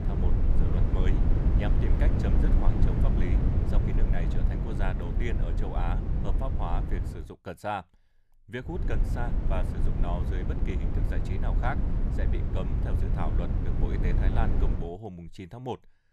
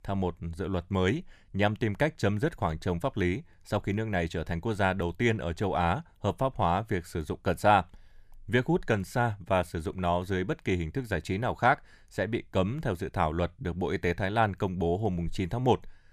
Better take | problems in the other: second | low rumble; loud; until 7 s and from 8.5 to 15 s; 2 dB below the speech

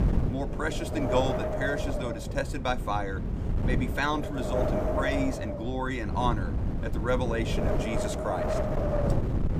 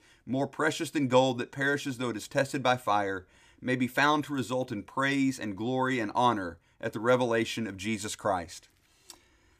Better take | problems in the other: second | wind noise on the microphone; heavy; 2 dB below the speech

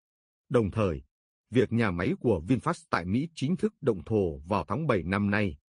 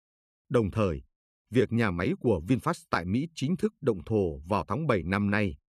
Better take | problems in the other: second | garbled, watery; slightly; nothing above 10.5 kHz

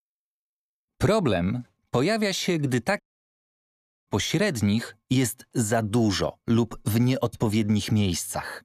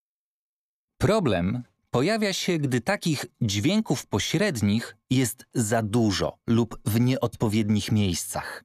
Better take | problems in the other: second | audio cutting out; at 3 s for 1 s

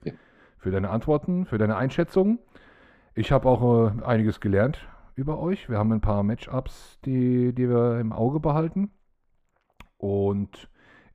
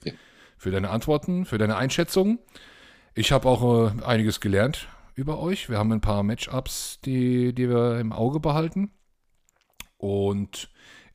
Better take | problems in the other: second | muffled; very; fading above 3 kHz

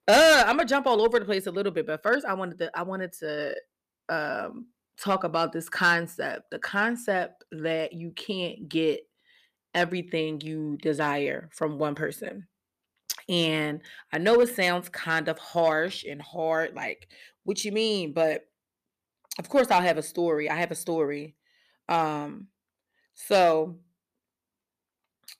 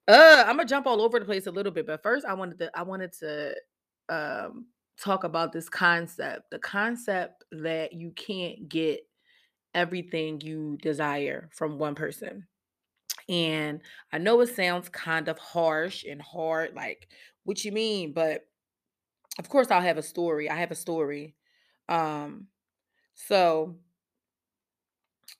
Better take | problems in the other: second | distortion; heavy; 1.5% of the sound clipped

